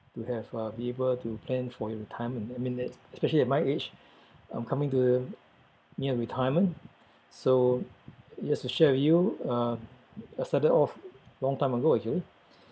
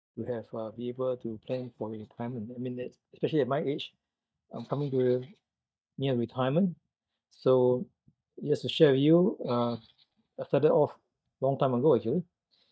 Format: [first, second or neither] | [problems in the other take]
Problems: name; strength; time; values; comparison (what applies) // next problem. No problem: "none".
first | noise reduction (neural mask model DeepFilterNet 3)